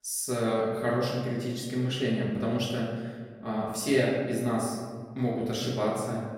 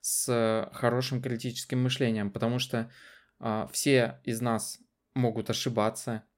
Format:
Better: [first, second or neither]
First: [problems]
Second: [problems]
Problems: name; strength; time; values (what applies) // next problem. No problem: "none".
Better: second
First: room echo; noticeable; dies away in 1.5 s // off-mic speech; far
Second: none